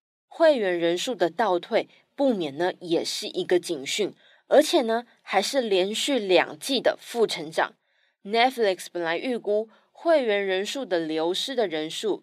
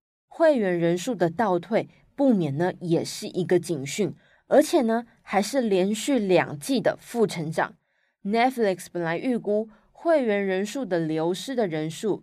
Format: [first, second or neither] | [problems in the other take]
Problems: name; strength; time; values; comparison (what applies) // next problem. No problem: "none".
second | thin; very slightly; fading below 350 Hz